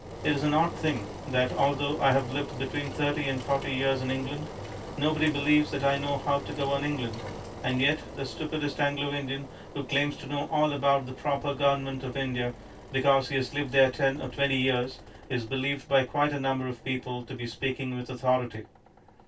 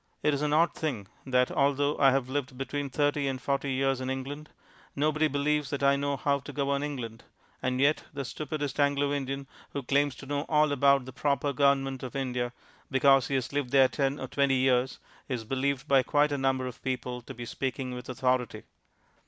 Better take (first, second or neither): second